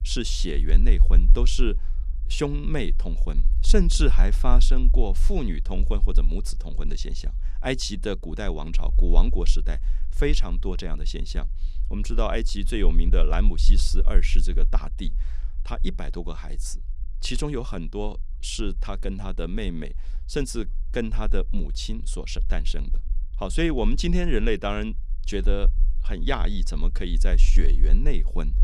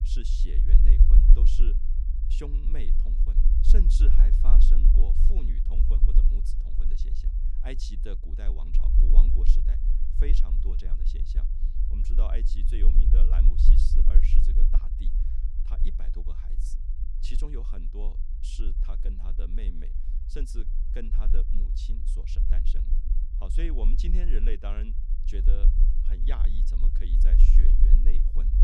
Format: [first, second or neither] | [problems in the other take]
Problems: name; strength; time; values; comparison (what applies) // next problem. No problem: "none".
first | low rumble; loud; throughout; 3 dB below the speech; faint in the first